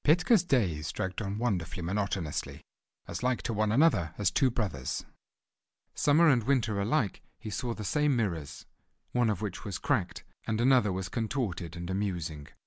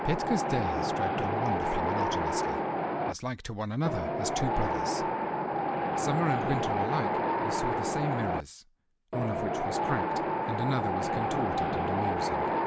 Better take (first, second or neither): first